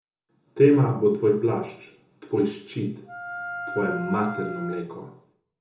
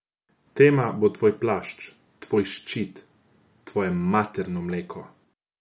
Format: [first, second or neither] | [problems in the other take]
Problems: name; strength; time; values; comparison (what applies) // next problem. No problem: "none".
second | background sound (Wind instrument, woodwind instrument); 10 dB below the speech // room echo; dies away in 0.5 s